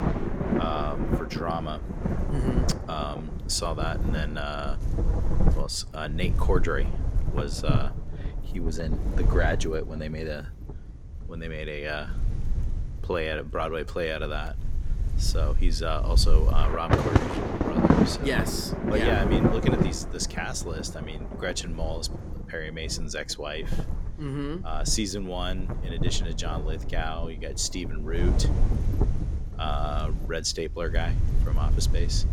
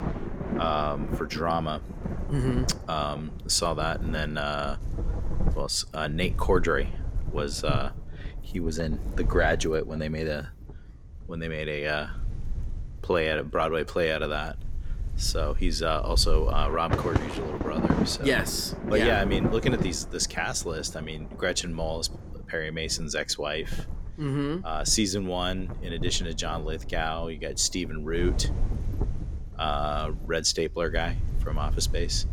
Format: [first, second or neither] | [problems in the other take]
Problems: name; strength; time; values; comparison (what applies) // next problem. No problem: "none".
second | wind noise on the microphone; heavy; 3 dB below the speech; occasional gusts in the second